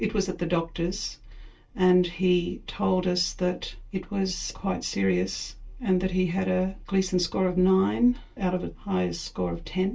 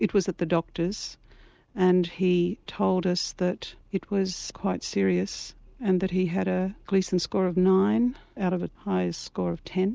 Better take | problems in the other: second | room echo; dies away in 0.2 s

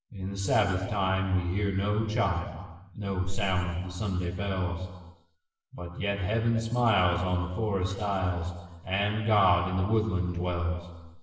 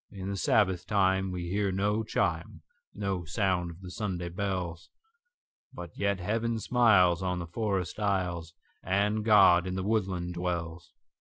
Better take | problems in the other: second | room echo; dies away in 1.3 s

